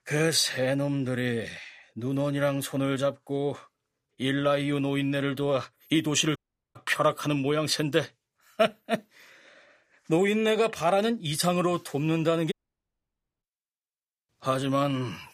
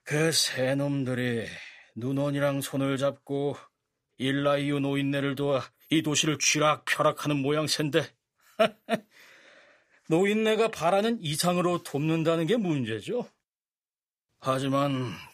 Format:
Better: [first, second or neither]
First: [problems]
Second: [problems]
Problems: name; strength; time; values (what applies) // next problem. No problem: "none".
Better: second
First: audio cutting out; at 6.5 s and at 13 s for 1 s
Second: none